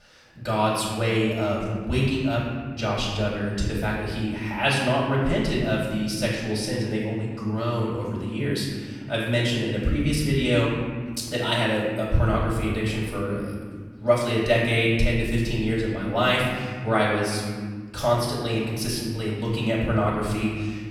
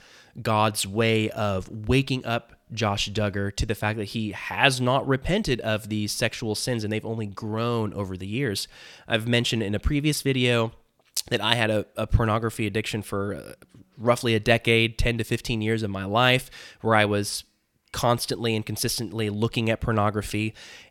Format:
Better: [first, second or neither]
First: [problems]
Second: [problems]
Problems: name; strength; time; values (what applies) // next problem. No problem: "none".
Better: second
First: off-mic speech; far // room echo; noticeable; dies away in 1.9 s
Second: none